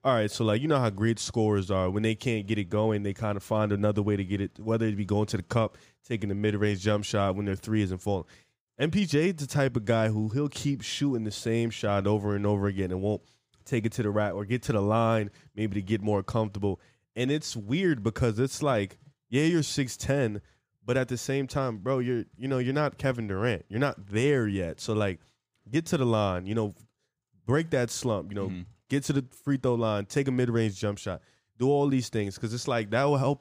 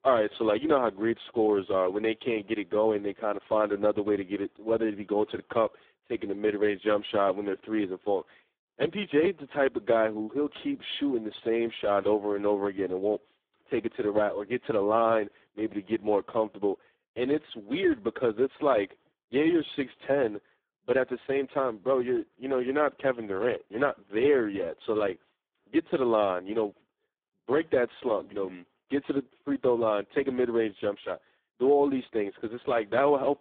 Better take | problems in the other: first | phone-call audio; poor line

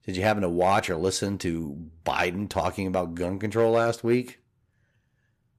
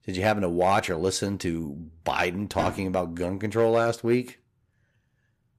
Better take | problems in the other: first | door banging; noticeable; at 2.5 s; peak 8 dB below the speech

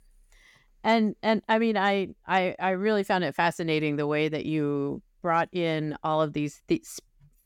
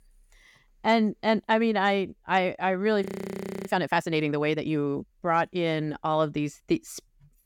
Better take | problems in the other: first | audio freezing; at 3 s for 0.5 s

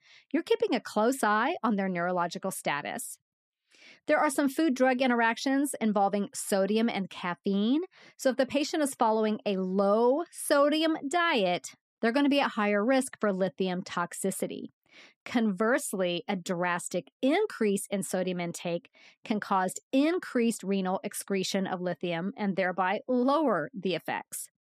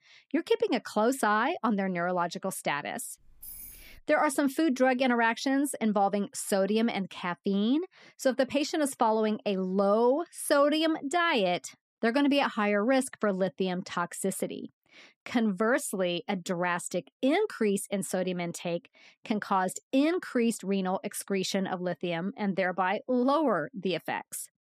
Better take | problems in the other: first | jangling keys; faint; at 3 s; peak 15 dB below the speech

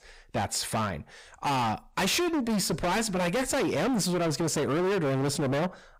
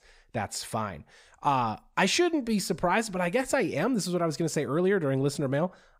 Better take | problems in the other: second | distortion; heavy; 31% of the sound clipped

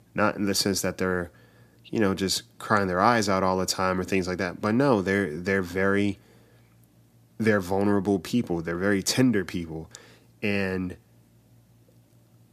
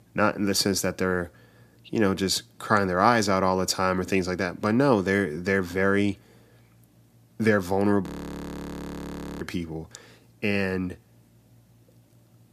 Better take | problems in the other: first | audio freezing; at 8 s for 1.5 s

